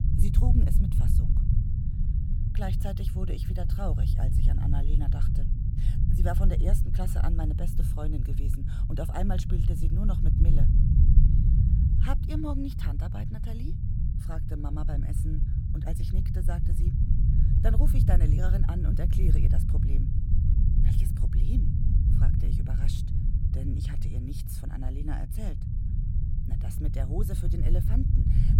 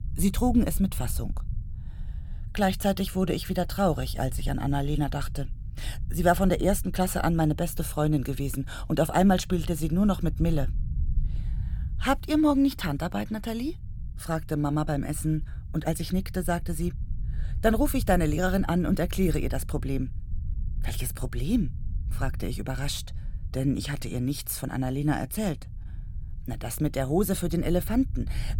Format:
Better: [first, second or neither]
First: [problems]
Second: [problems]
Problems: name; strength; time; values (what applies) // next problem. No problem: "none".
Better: second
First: low rumble; loud; throughout; 1 dB below the speech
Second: low rumble; faint; throughout; 25 dB below the speech